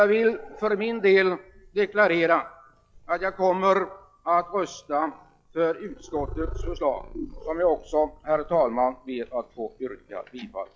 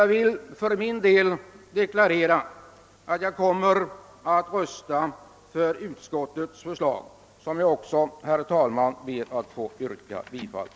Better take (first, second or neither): second